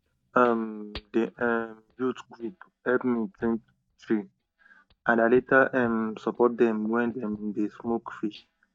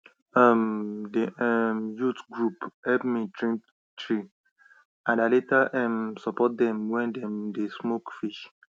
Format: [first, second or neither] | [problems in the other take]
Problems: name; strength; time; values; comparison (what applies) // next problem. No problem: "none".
second | noise reduction (neural mask model DeepFilterNet 3)